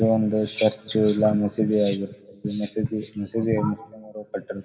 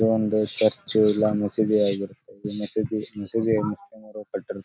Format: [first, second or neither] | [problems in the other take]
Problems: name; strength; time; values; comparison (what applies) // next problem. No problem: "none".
second | room echo; dies away in 0.4 s